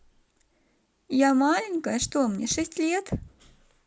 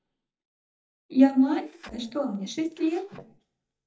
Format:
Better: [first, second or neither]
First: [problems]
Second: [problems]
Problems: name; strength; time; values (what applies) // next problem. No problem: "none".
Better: first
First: none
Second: noise reduction (neural mask model DeepFilterNet 3)